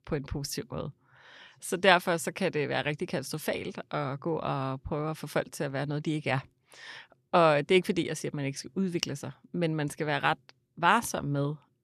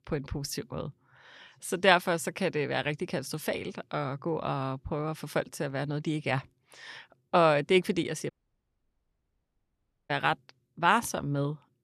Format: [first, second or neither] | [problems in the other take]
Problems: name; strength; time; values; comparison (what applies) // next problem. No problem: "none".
first | audio cutting out; at 8.5 s for 2 s